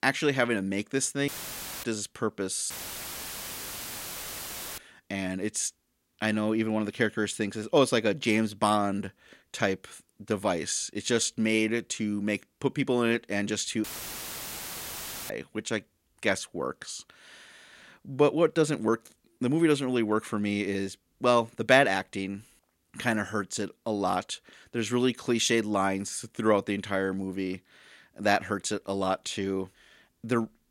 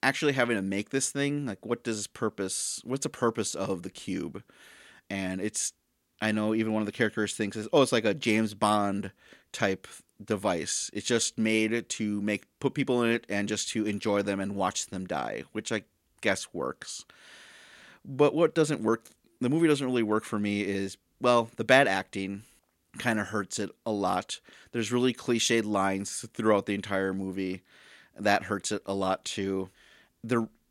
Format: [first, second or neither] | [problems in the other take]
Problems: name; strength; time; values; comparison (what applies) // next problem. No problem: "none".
second | audio cutting out; filled with static; at 1.5 s for 0.5 s, at 2.5 s for 2 s and at 14 s for 1.5 s